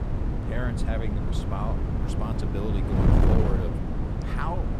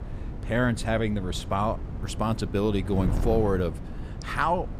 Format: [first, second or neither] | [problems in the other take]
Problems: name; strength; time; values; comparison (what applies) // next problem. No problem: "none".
second | wind noise on the microphone; heavy; 1 dB above the speech; occasional gusts in the second